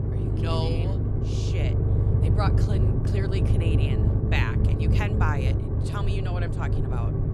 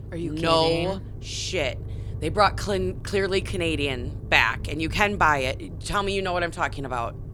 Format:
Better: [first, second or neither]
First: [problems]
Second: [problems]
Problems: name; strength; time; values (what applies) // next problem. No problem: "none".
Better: second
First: low rumble; loud; throughout; 1 dB below the speech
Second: low rumble; faint; throughout; 25 dB below the speech